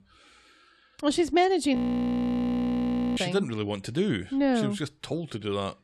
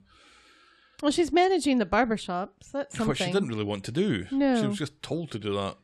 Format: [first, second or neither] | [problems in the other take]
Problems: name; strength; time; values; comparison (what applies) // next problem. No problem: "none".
second | audio freezing; at 2 s for 1.5 s